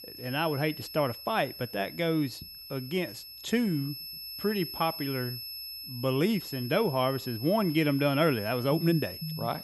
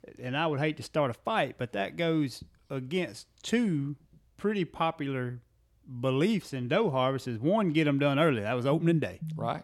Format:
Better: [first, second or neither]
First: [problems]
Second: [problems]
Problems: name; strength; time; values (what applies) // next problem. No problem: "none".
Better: second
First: high-pitched whine; loud; throughout; 5 kHz, 10 dB below the speech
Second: none